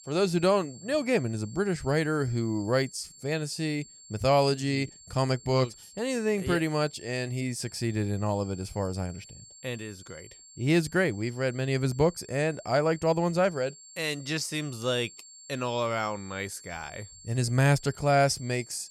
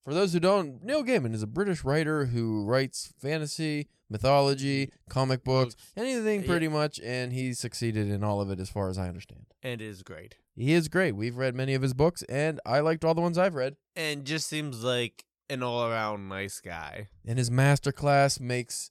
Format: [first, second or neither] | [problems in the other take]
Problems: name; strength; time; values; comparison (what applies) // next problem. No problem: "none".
second | high-pitched whine; noticeable; throughout; 7.5 kHz, 20 dB below the speech